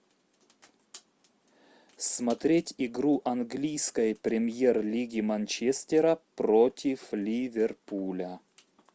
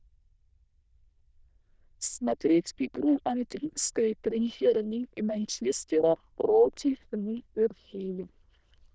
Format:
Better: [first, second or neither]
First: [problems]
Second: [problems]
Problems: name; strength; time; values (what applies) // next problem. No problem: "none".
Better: first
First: none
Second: noise reduction (neural diffusion model UNIVERSE++)